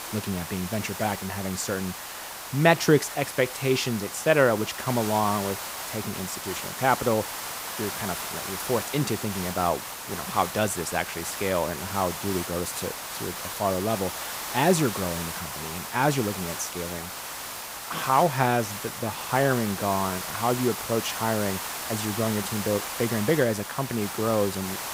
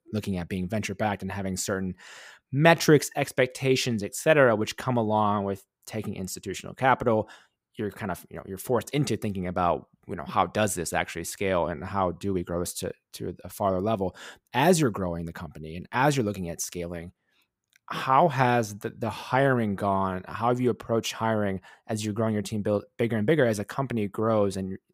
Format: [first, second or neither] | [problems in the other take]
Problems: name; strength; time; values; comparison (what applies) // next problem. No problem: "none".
second | hiss; loud; throughout; 6 dB below the speech